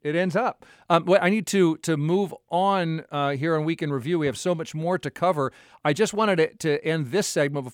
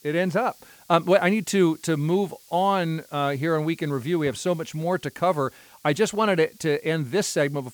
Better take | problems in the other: first | hiss; faint; throughout; 25 dB below the speech

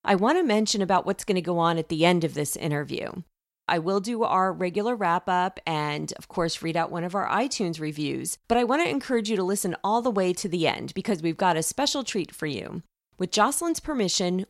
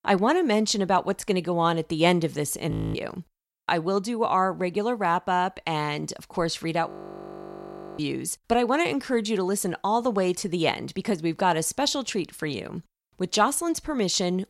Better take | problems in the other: first | audio freezing; at 2.5 s and at 7 s for 1 s

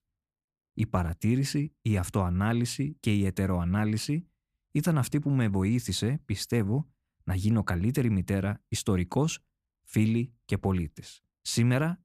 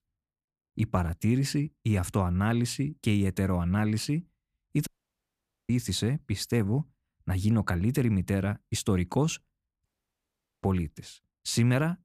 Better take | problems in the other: first | audio cutting out; at 5 s for 1 s and at 10 s for 1 s

